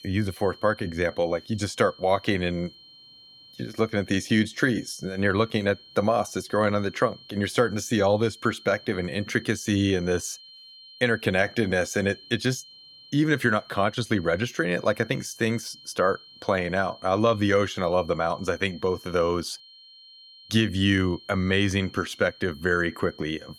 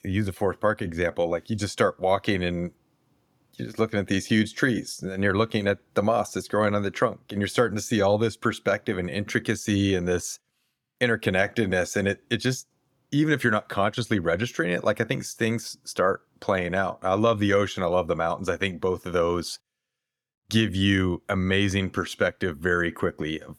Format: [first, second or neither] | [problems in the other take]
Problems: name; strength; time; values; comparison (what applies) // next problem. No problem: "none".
second | high-pitched whine; faint; throughout; 4 kHz, 20 dB below the speech